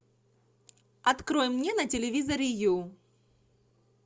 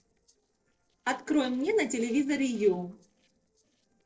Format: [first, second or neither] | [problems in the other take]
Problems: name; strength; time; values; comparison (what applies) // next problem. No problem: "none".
first | noise reduction (neural separator model SepFormer DNS4)